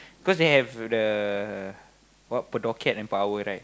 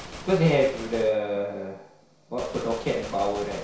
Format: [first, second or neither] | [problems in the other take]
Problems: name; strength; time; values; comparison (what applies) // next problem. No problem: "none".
first | background sound (Gunshot, gunfire); 15 dB below the speech // room echo; dies away in 0.6 s